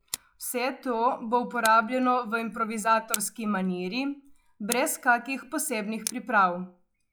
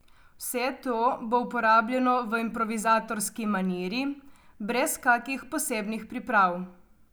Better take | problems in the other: second | noise reduction (classical method log-MMSE)

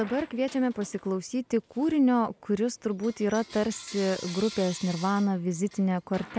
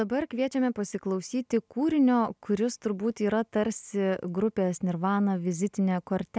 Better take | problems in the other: second | background sound (Coin (dropping) / Bell); 18 dB below the speech

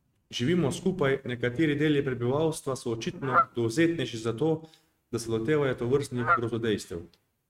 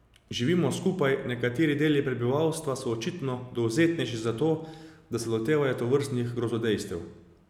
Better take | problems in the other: second | noise reduction (neural mask model RNNoise)

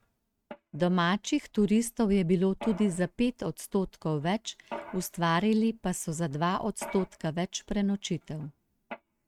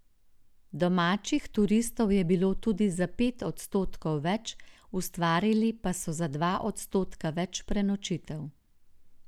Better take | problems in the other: second | noise reduction (neural mask model RNNoise)

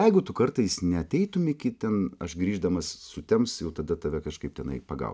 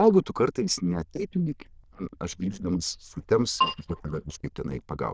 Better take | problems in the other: first | noise reduction (neural diffusion model UNIVERSE++)

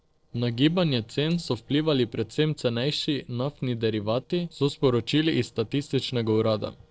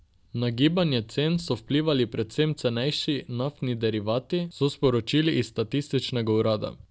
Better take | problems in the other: second | noise reduction (neural separator model SepFormer DNS4)

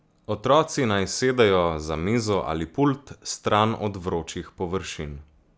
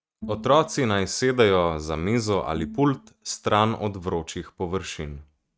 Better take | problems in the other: first | noise reduction (neural mask model RNNoise)

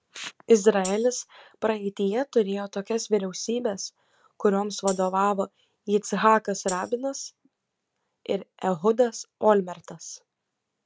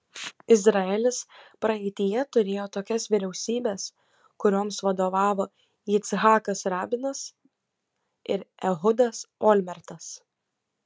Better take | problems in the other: second | background sound (Tambourine); 17 dB below the speech

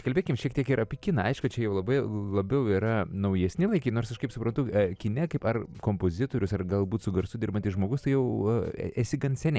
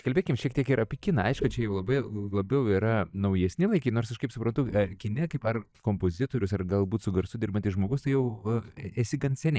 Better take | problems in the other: first | noise reduction (neural mask model DeepFilterNet 3)

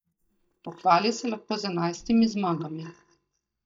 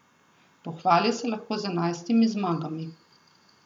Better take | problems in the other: second | noise reduction (neural mask model DeepFilterNet 3)

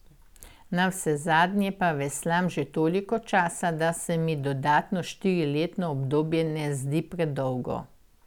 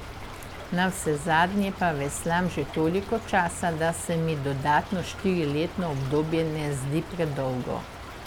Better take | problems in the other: first | background sound (Stream / Trickle, dribble); 12 dB below the speech

